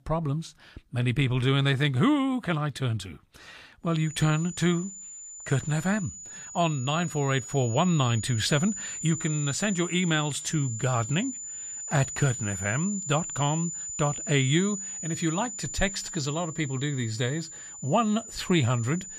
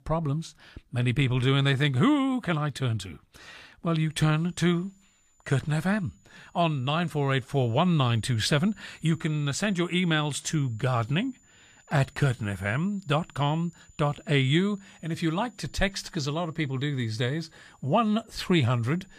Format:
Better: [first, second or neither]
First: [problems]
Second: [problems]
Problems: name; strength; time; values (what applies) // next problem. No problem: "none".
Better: second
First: high-pitched whine; loud; from 4 s on; 7 kHz, 8 dB below the speech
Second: high-pitched whine; faint; from 4 s on; 7 kHz, 35 dB below the speech